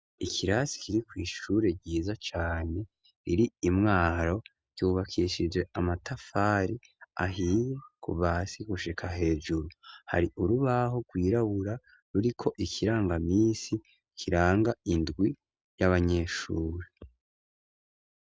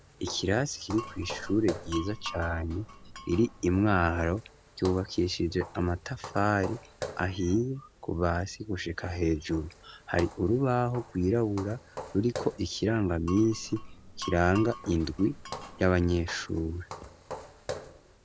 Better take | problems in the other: first | background sound (Glass + Walk, footsteps); 15 dB below the speech

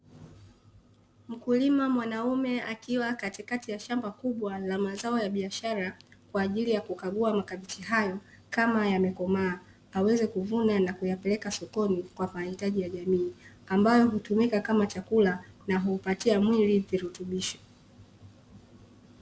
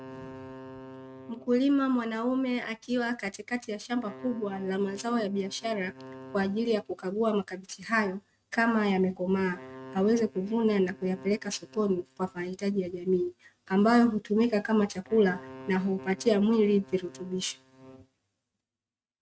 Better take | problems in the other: first | noise reduction (neural mask model RNNoise)

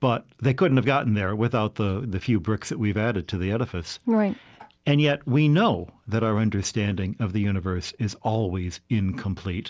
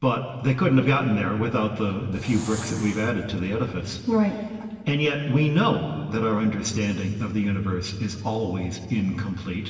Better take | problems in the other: first | background sound (Hiss); 17 dB below the speech // room echo; dies away in 2.4 s

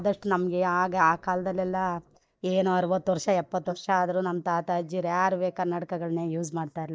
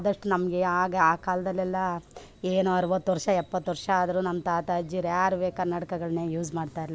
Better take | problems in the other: second | noise reduction (neural mask model DeepFilterNet 3)

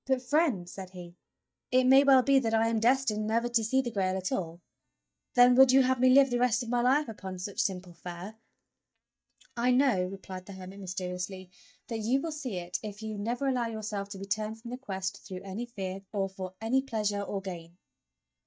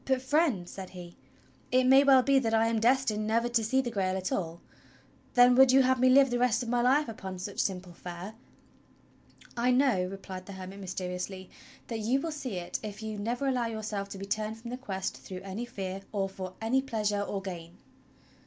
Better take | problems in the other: second | noise reduction (neural mask model DeepFilterNet 3)

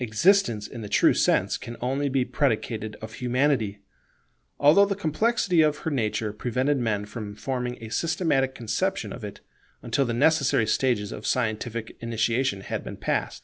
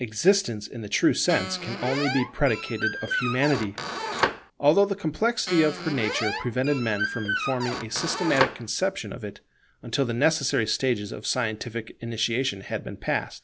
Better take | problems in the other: first | background sound (Squeak); 4 dB below the speech

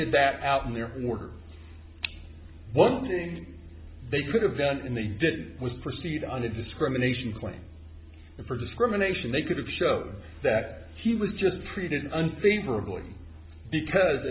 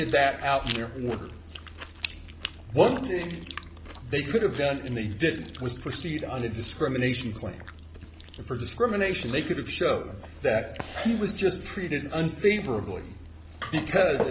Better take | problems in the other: first | background sound (Chewing, mastication); 13 dB below the speech

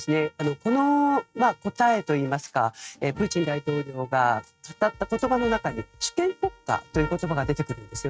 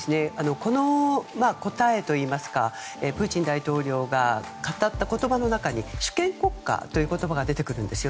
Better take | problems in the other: second | noise reduction (neural mask model RNNoise)

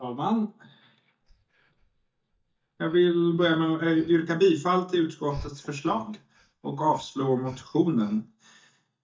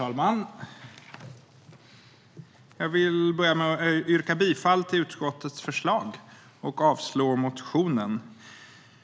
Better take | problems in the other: second | noise reduction (neural mask model DeepFilterNet 3)

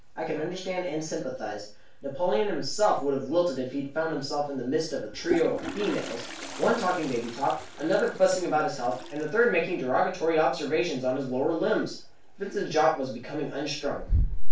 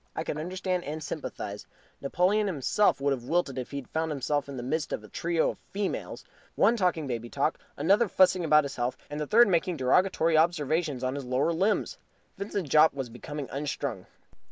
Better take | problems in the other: second | background sound (Toilet flush); 12 dB below the speech // room echo; dies away in 0.3 s

